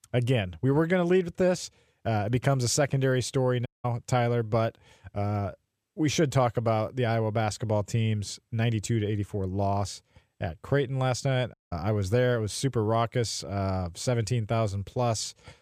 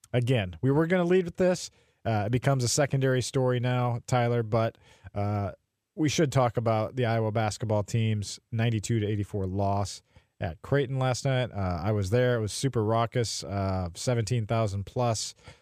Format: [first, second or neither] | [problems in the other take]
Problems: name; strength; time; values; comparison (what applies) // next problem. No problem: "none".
second | audio cutting out; at 3.5 s and at 12 s